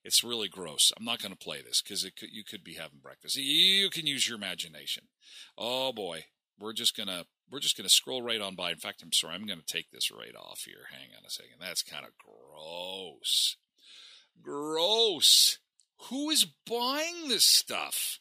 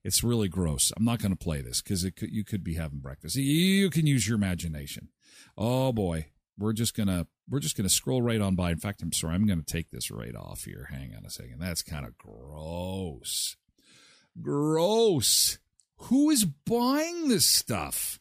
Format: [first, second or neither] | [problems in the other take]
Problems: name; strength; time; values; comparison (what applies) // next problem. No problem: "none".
second | thin; somewhat; fading below 450 Hz